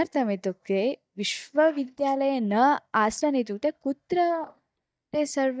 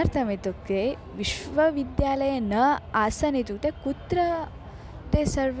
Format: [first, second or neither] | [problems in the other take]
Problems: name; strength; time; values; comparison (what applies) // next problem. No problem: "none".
second | noise reduction (neural mask model DeepFilterNet 3)